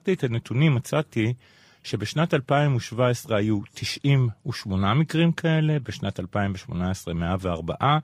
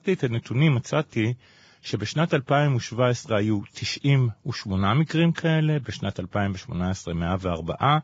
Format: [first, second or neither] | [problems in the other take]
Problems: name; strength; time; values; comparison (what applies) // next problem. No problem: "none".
first | garbled, watery; badly; slightly in the first